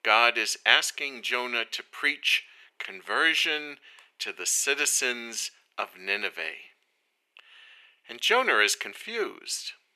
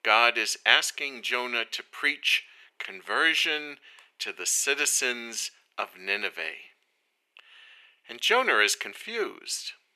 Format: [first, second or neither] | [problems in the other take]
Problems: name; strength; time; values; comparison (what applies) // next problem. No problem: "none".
neither | thin; very; fading below 450 Hz; the same in both